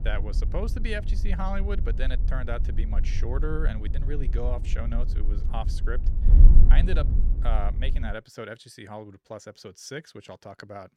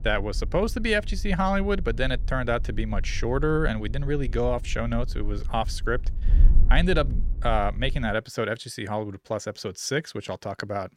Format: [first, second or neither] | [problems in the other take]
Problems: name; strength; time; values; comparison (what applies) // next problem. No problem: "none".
second | wind noise on the microphone; heavy; until 8 s; 9 dB below the speech; occasional gusts in the second